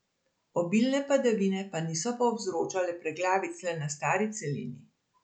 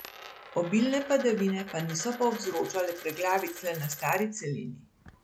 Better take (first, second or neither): first